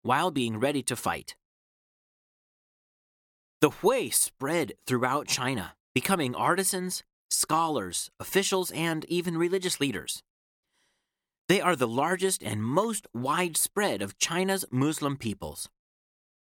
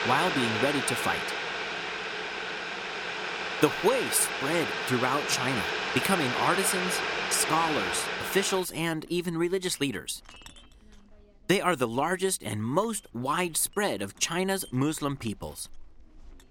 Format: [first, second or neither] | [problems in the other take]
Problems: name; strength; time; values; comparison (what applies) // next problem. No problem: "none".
first | household noises; loud; throughout; 2 dB below the speech